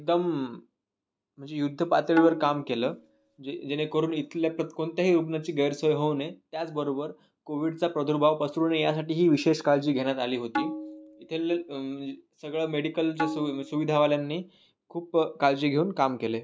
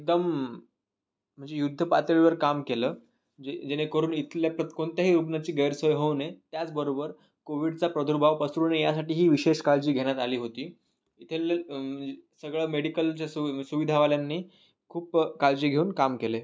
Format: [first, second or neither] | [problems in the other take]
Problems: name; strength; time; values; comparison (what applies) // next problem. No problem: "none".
second | background sound (Tabla); 8 dB below the speech